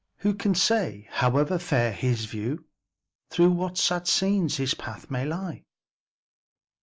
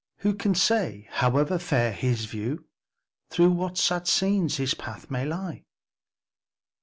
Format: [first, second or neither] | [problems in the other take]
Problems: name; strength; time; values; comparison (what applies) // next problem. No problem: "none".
second | noise reduction (neural mask model Resemble Enhance denoiser)